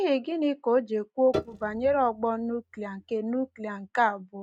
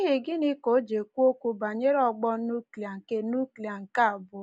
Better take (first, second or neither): second